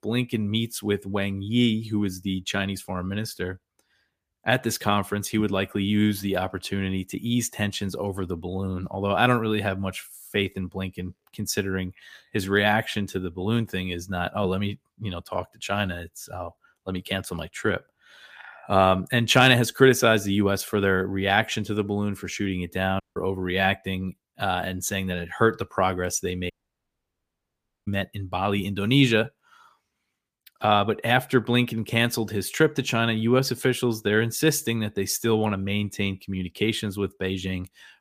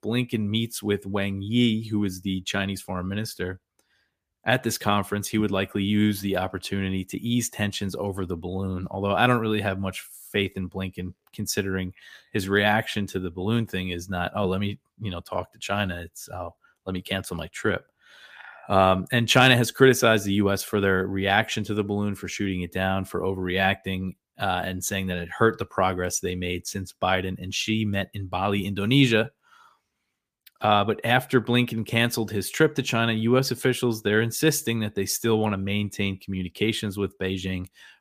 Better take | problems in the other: second | audio cutting out; at 23 s and at 27 s for 1.5 s

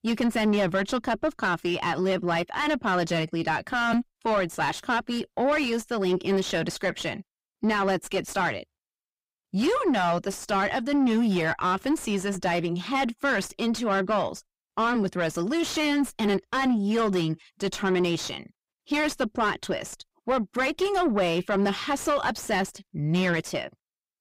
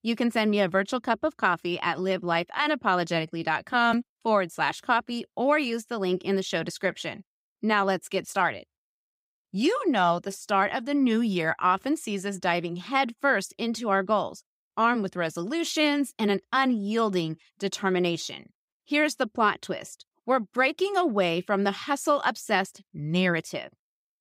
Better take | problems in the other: second | distortion; heavy; 7 dB below the speech

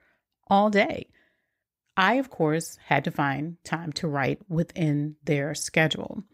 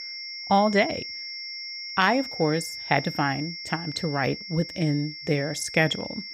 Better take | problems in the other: first | high-pitched whine; loud; throughout; 5.5 kHz, 9 dB below the speech

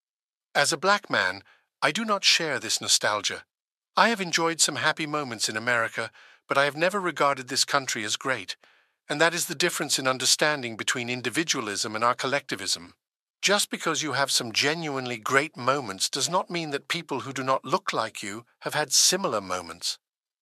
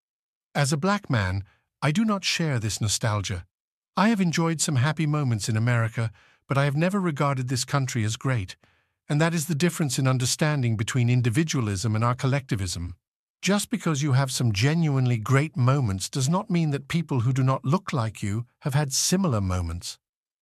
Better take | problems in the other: second | thin; very; fading below 450 Hz

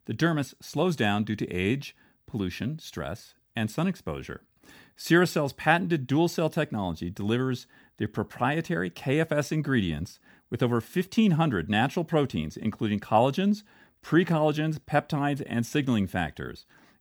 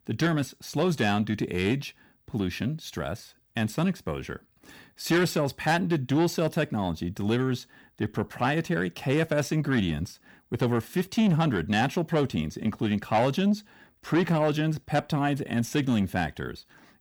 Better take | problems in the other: first | distortion; slight; 10 dB below the speech

